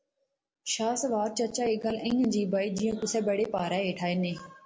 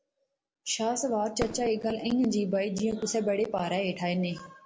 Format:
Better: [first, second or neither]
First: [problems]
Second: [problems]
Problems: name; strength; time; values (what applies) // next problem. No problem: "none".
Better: first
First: none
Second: background sound (Fireworks); 14 dB below the speech